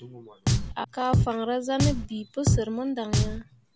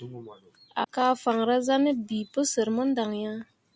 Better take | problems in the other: second | background sound (Drum); 3 dB above the speech

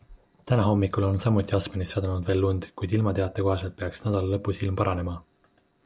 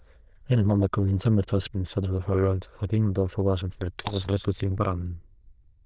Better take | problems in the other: first | noise reduction (neural diffusion model UNIVERSE++)

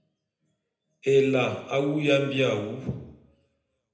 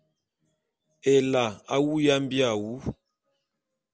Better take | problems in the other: second | room echo; dies away in 0.8 s

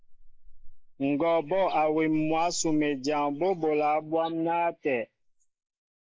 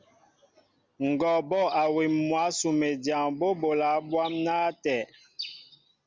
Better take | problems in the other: second | noise reduction (neural mask model Resemble Enhance denoiser)

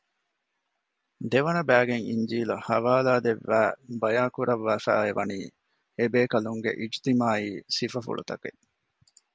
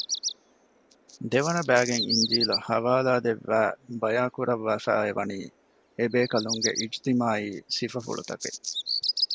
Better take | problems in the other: first | background sound (Bird vocalization, bird call, bird song); 7 dB below the speech

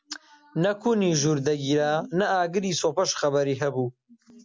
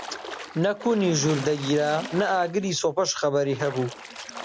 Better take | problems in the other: first | background sound (Splash, splatter); 14 dB below the speech

